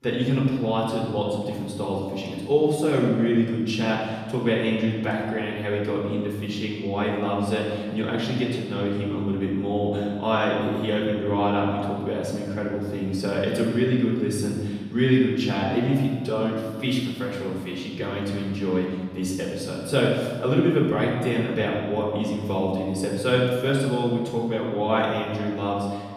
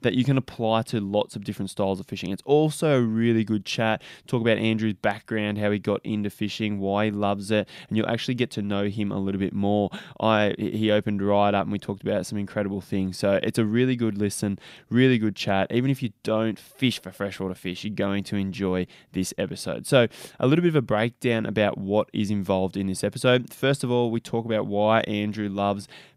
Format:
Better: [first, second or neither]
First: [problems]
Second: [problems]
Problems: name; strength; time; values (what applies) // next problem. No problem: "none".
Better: second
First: room echo; noticeable; dies away in 1.4 s // off-mic speech; far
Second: none